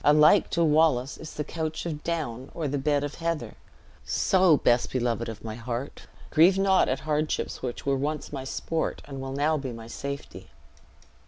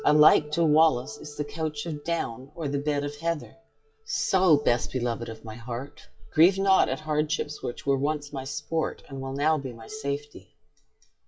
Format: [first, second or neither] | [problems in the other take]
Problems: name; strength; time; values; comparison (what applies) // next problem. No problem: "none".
first | noise reduction (classical method WPE with log-MMSE)